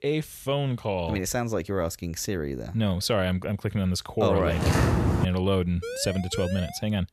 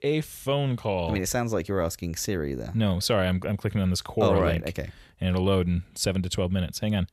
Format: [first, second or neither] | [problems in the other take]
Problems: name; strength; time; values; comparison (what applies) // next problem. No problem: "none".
second | footsteps; loud; at 4.5 s; peak 5 dB above the speech // siren; noticeable; from 6 s on; peak 8 dB below the speech